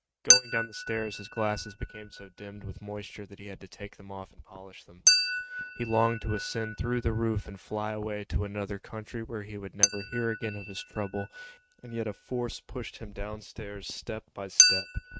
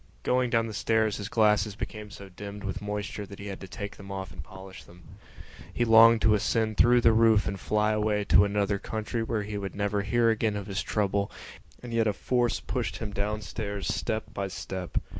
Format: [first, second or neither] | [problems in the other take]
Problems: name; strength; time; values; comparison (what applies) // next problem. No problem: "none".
second | noise reduction (neural mask model RNNoise)